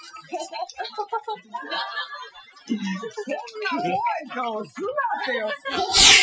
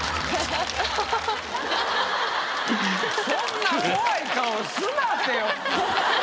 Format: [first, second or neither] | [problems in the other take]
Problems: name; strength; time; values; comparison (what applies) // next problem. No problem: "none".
second | noise reduction (classical method Wiener filter)